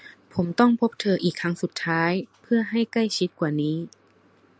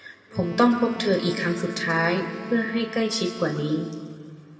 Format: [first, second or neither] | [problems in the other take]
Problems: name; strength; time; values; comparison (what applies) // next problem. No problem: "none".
first | background sound (Wind instrument, woodwind instrument); 13 dB below the speech // room echo; dies away in 2.1 s